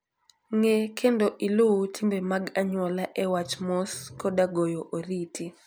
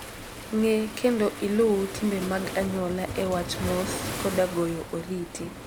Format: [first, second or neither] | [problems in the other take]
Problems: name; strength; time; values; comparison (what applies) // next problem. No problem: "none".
first | background sound (Waves, surf); 9 dB below the speech